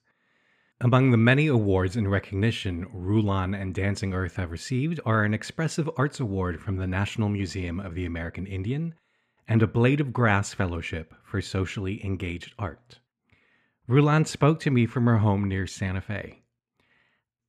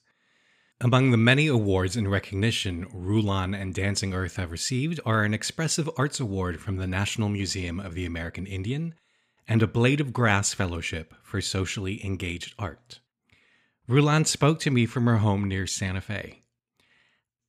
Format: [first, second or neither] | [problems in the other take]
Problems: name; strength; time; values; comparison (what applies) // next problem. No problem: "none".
second | muffled; slightly; fading above 3 kHz